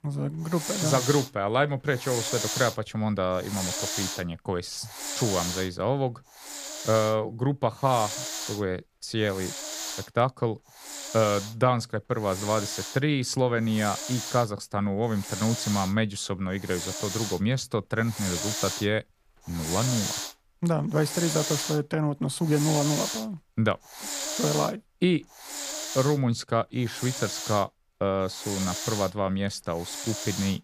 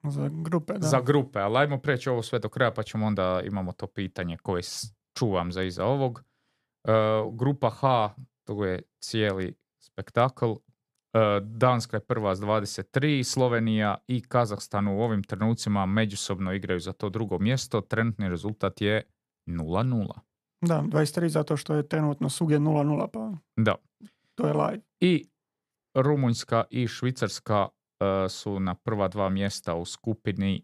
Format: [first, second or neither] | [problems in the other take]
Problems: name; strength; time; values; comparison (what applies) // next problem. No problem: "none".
second | hiss; loud; throughout; 5 dB below the speech